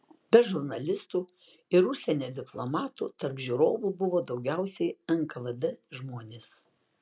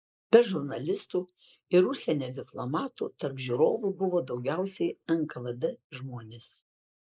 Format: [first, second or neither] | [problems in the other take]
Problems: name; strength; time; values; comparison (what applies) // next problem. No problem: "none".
first | noise reduction (neural mask model Resemble Enhance denoiser)